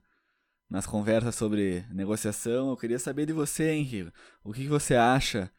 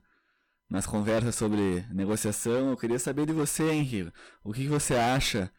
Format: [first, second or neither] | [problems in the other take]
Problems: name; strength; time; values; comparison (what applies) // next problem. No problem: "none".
first | distortion; heavy; 15% of the sound clipped